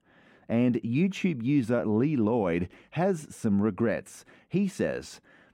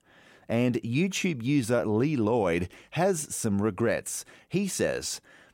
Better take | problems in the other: second | muffled; slightly; fading above 4 kHz

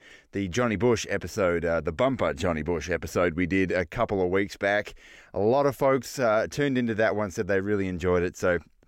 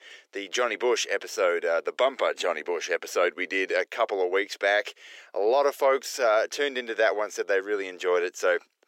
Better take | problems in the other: first | thin; very; fading below 400 Hz

